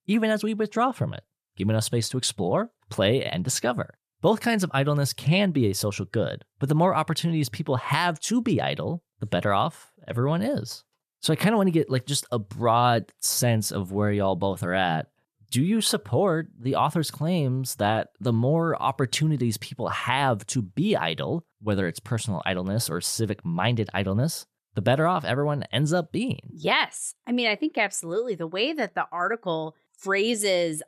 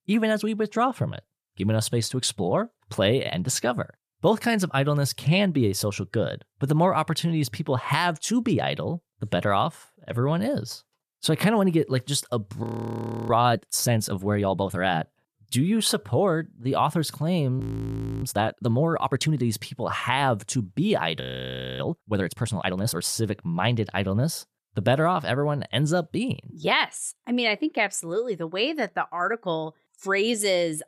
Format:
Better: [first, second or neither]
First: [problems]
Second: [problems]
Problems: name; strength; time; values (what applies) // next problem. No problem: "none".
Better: first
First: none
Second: audio freezing; at 13 s for 0.5 s, at 18 s for 0.5 s and at 21 s for 0.5 s